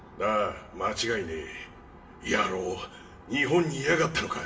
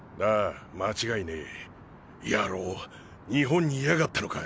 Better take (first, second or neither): second